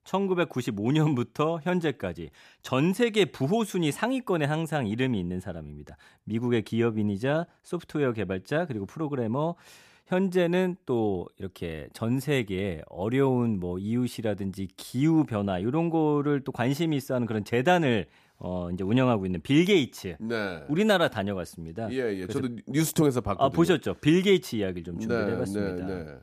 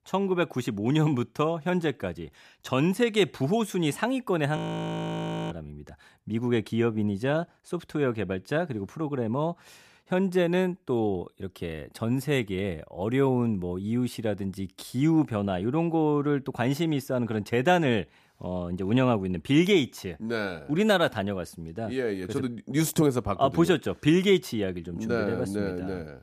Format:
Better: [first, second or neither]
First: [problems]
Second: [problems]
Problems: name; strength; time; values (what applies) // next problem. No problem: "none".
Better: first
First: none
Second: audio freezing; at 4.5 s for 1 s